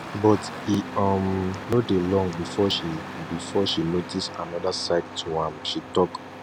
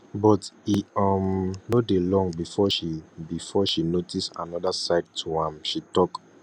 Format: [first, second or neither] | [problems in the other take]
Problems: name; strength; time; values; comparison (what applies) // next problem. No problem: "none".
second | background sound (Engine starting); 11 dB below the speech